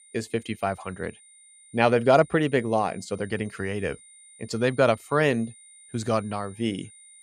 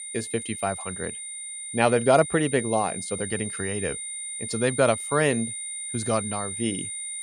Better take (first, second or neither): first